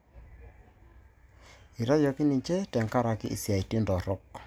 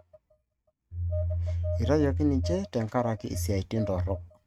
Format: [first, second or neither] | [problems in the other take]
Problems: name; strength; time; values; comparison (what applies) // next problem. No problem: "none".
first | noise reduction (neural mask model RNNoise)